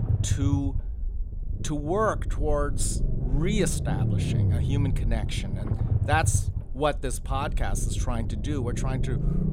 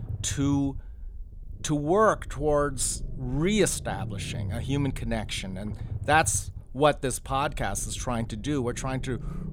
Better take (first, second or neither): second